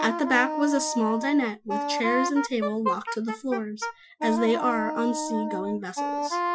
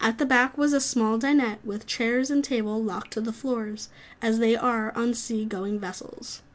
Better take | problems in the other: second | noise reduction (classical method Wiener filter)

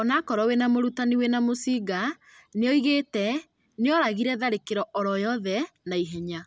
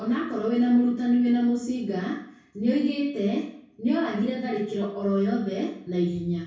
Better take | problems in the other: first | room echo; dies away in 0.6 s

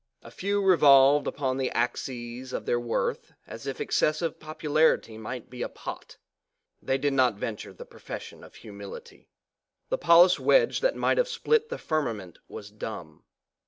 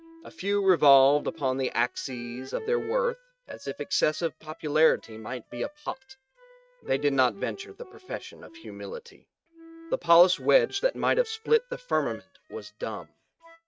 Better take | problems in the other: first | noise reduction (neural mask model RNNoise)

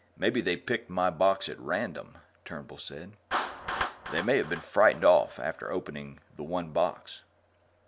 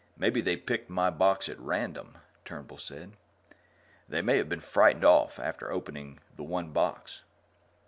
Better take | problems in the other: second | background sound (Clapping); 12 dB below the speech

